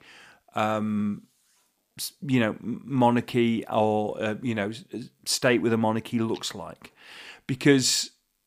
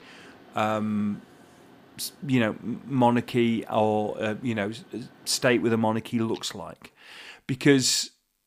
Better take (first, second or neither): first